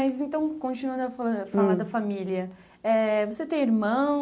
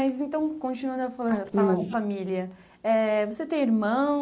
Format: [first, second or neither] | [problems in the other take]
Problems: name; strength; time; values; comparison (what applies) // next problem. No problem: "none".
first | noise reduction (neural mask model Resemble Enhance denoiser)